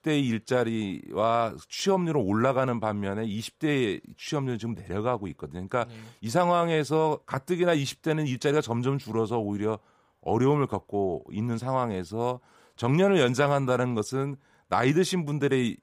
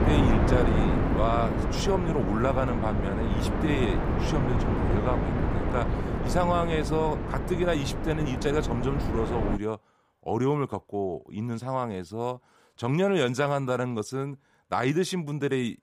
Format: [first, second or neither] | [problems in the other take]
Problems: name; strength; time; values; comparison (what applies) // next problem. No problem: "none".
first | wind noise on the microphone; heavy; until 9.5 s; 2 dB below the speech